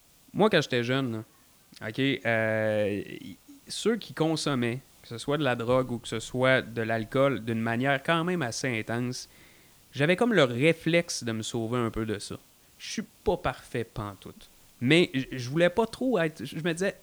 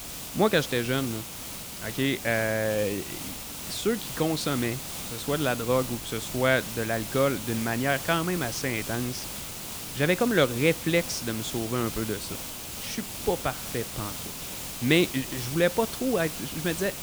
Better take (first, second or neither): first